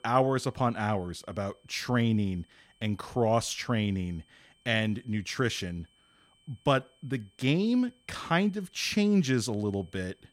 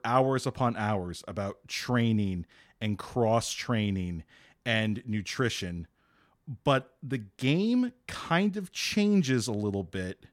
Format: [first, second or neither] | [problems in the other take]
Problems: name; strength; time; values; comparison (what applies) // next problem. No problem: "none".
second | high-pitched whine; faint; throughout; 3 kHz, 35 dB below the speech